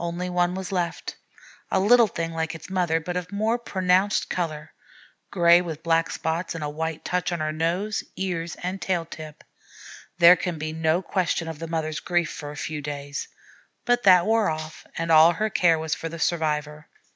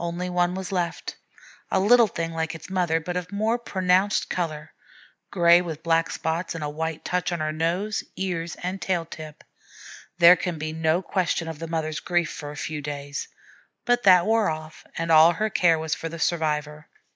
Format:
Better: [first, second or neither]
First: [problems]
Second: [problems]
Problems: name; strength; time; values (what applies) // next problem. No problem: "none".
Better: first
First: none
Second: noise reduction (neural mask model Resemble Enhance denoiser)